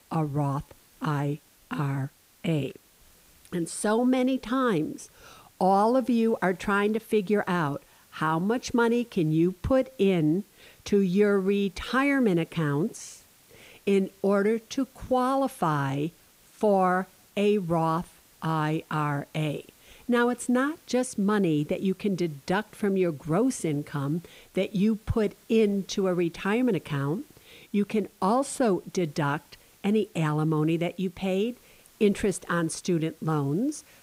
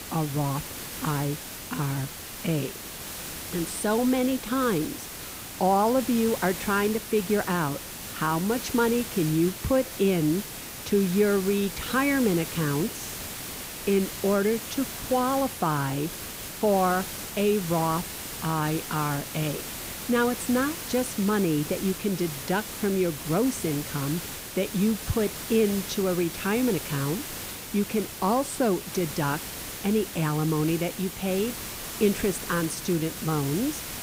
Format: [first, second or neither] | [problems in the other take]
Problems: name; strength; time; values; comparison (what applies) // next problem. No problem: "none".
first | hiss; loud; throughout; 8 dB below the speech; faint in the first